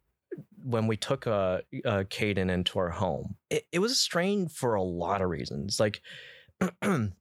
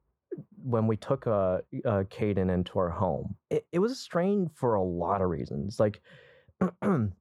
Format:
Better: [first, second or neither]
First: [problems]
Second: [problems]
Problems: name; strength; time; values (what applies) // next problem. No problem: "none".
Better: first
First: none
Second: muffled; very; fading above 1.5 kHz